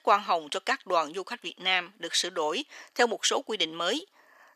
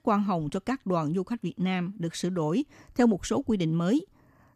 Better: second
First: thin; very; fading below 500 Hz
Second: none

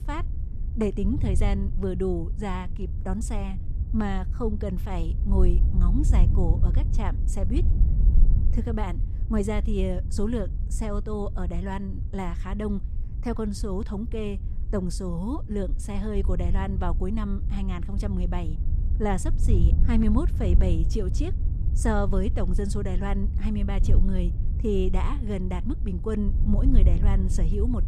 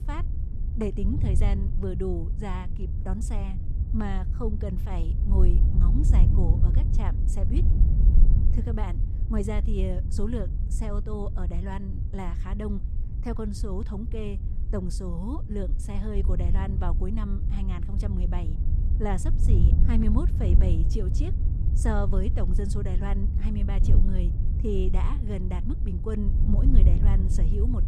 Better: first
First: wind noise on the microphone; occasional gusts; 10 dB below the speech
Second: wind noise on the microphone; heavy; 6 dB below the speech

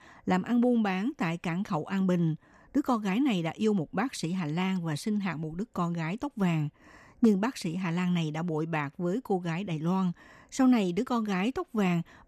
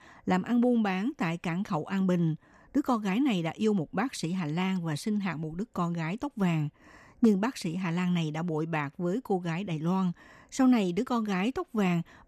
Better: neither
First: none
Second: none

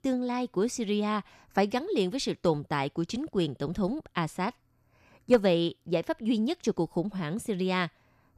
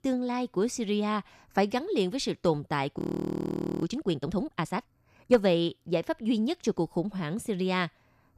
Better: first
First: none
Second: audio freezing; at 3 s for 1 s

